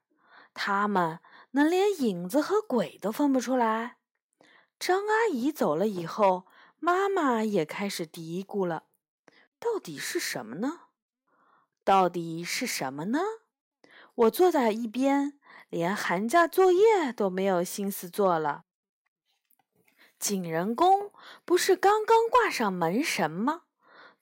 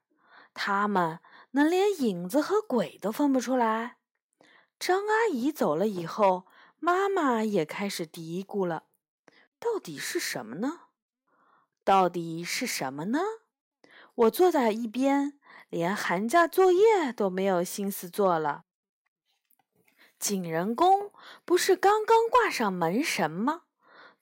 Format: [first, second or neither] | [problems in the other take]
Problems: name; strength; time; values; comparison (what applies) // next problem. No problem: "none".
neither | none